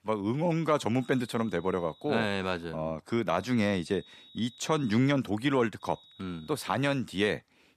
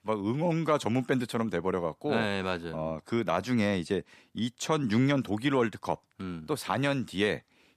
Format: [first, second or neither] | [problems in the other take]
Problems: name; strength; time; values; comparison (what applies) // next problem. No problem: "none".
second | high-pitched whine; faint; from 1 to 2.5 s, from 3.5 to 5 s and at 6 s; 4 kHz, 25 dB below the speech